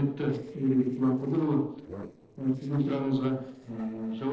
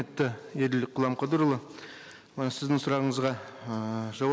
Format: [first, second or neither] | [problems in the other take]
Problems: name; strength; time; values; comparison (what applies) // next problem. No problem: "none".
second | noise reduction (neural separator model SepFormer DNS4)